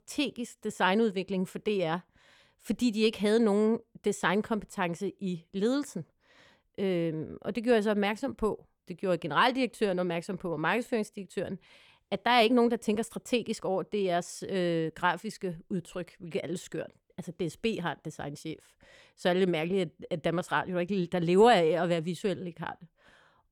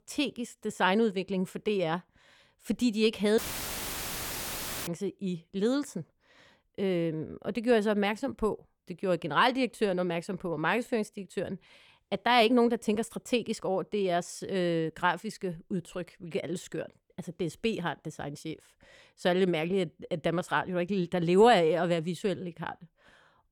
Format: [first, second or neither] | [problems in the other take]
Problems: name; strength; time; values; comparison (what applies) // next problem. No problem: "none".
first | audio cutting out; filled with static; at 3.5 s for 1.5 s